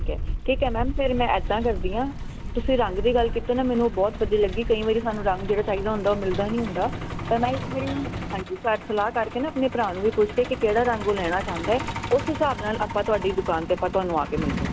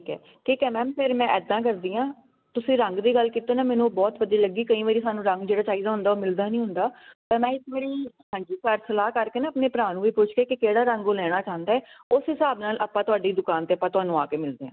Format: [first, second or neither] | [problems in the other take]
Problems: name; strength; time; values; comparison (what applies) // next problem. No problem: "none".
second | background sound (Truck); 6 dB below the speech